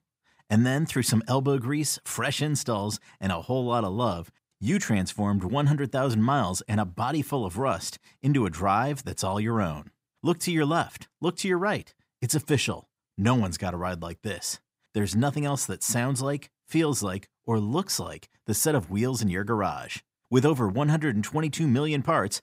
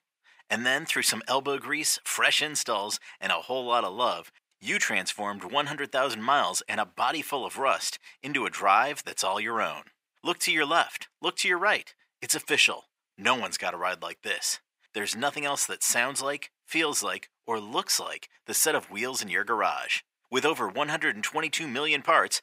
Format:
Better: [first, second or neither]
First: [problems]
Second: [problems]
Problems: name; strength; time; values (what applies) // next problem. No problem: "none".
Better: first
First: none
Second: thin; very; fading below 550 Hz